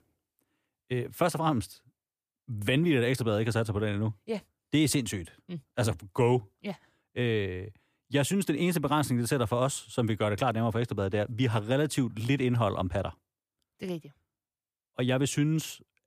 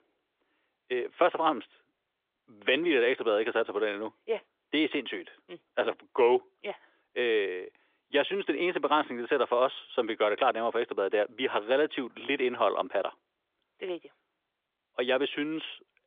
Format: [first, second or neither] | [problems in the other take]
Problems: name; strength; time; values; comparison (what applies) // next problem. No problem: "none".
first | phone-call audio; nothing above 3.5 kHz